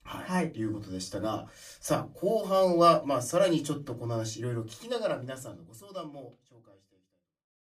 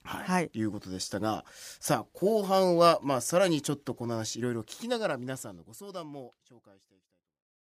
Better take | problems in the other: second | off-mic speech; far // room echo; very slight; dies away in 0.2 s

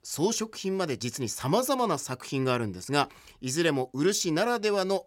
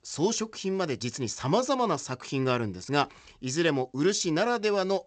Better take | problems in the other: first | garbled, watery; slightly; nothing above 7.5 kHz

